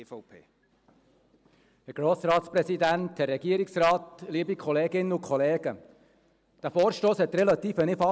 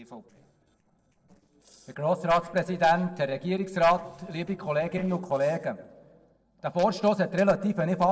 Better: first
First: none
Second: noise reduction (neural separator model SepFormer DNS4)

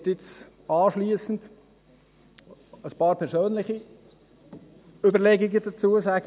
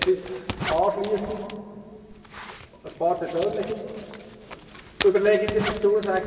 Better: first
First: none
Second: background sound (Zipper (clothing)); 11 dB below the speech // room echo; dies away in 1.9 s

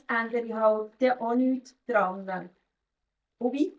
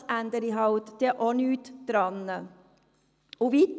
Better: second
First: noise reduction (neural mask model DeepFilterNet 3)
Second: none

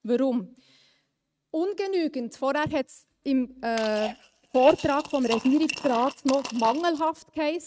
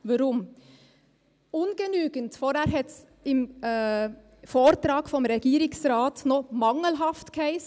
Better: second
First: noise reduction (neural mask model RNNoise)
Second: none

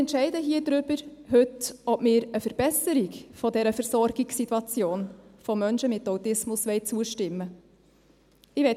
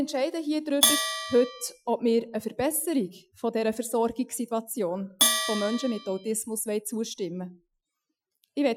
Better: first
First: none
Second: noise reduction (classical method Wiener filter)

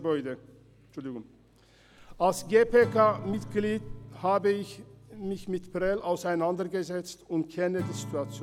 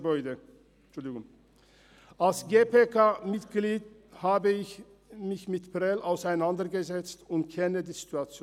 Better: second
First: background sound (Wind + Acoustic guitar / Strum); 14 dB below the speech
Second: none

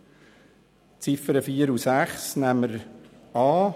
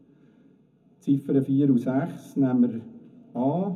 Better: first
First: none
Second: room echo; dies away in 0.3 s

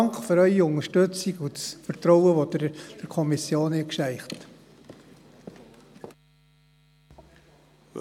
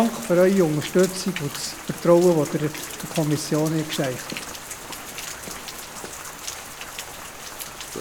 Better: first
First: none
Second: background sound (Rain); 11 dB below the speech

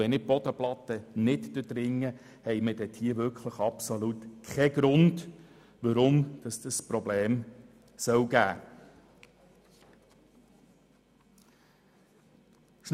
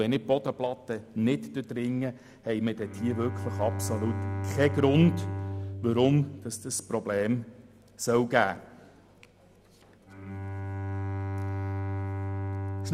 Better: first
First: none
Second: background sound (Bowed string instrument); 6 dB below the speech

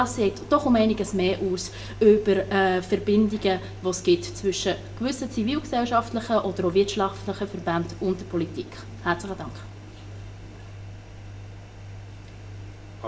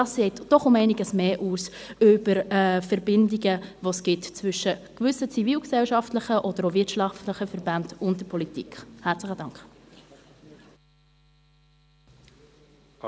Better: second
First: background sound (Engine); 14 dB below the speech // room echo; dies away in 0.3 s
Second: none

